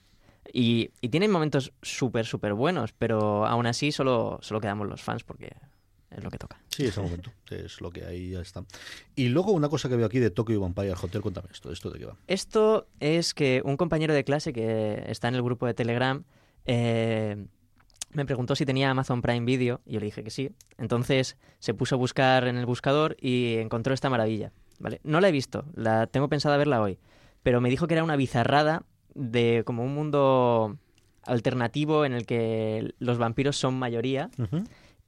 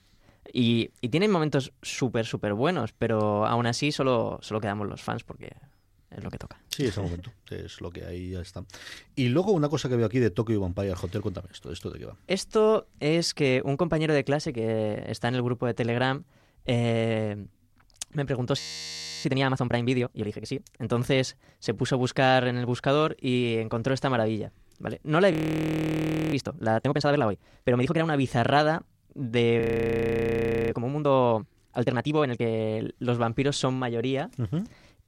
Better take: first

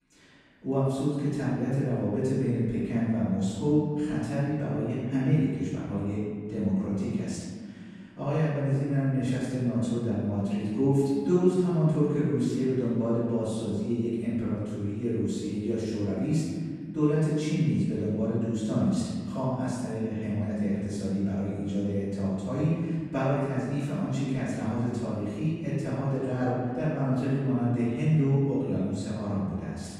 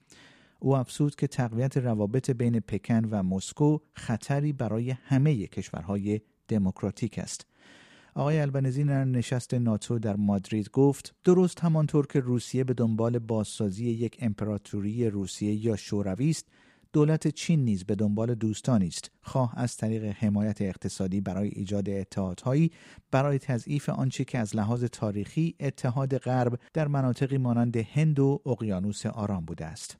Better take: second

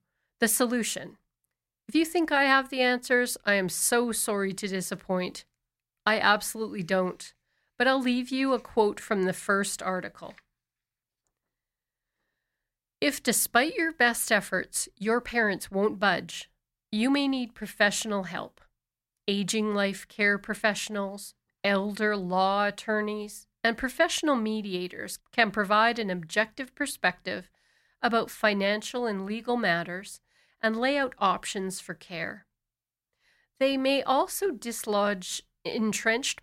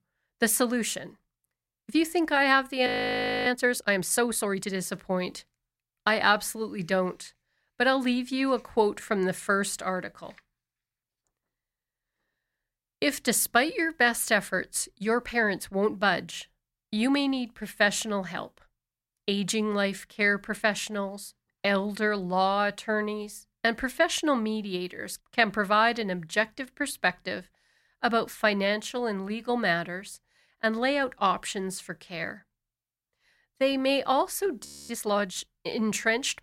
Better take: first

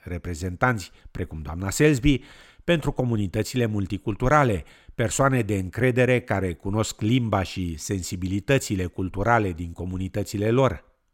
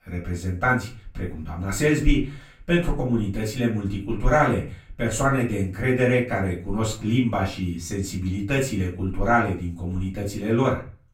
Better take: first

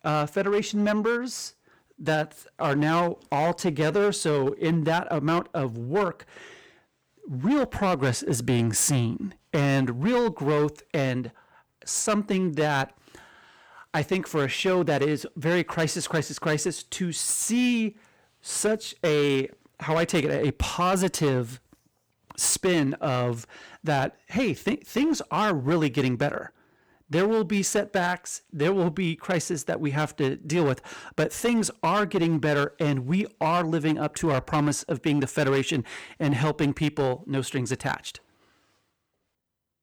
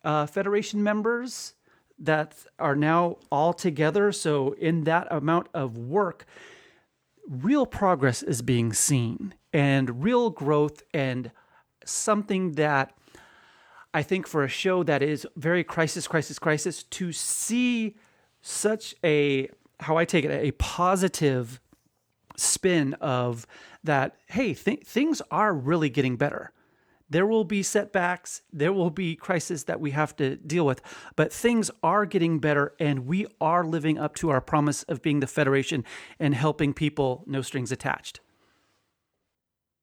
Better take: second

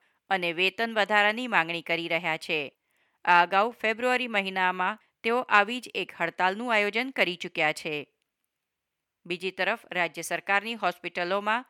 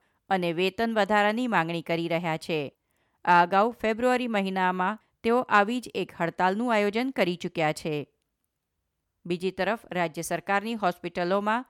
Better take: second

